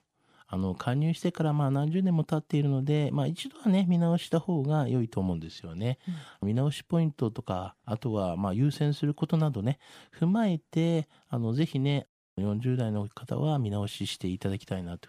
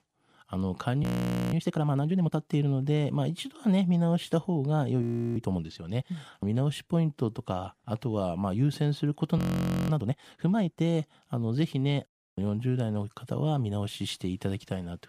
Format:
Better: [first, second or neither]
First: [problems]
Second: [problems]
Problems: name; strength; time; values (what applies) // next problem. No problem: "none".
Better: first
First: none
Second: audio freezing; at 1 s for 0.5 s, at 5 s and at 9.5 s for 0.5 s